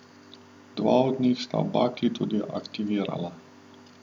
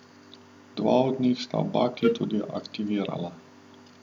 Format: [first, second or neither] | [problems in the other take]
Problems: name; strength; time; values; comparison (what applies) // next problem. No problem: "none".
first | background sound (Wind instrument, woodwind instrument); 1 dB below the speech